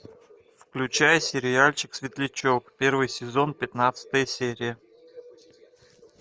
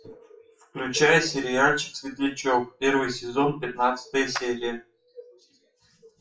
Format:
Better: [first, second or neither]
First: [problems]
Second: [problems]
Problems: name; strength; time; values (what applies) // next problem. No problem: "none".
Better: first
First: none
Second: noise reduction (classical method WPE with log-MMSE)